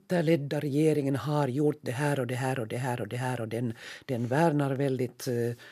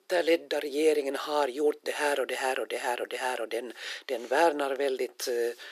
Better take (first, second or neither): first